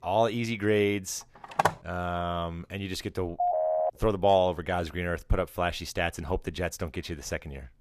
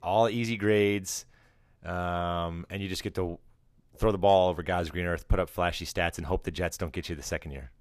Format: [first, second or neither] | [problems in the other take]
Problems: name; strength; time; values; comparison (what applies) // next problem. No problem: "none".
second | phone ringing; loud; at 1.5 s and at 3.5 s; peak 3 dB above the speech